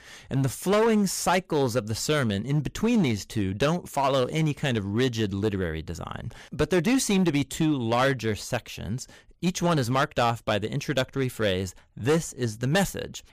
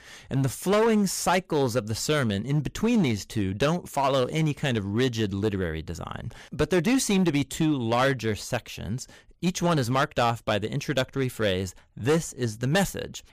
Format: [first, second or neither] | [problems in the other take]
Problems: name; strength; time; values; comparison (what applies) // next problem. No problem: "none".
neither | distortion; slight; 6% of the sound clipped; the same in both